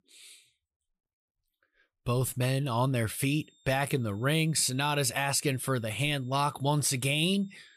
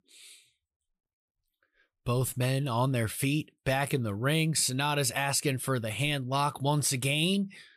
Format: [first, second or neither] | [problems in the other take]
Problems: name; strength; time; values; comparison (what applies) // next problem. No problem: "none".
second | high-pitched whine; faint; from 3 s on; 3.5 kHz, 35 dB below the speech